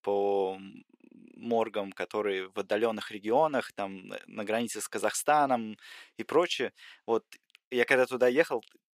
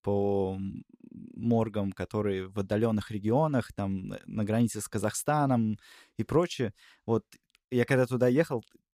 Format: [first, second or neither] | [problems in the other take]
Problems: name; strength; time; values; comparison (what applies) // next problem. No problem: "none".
second | thin; somewhat; fading below 400 Hz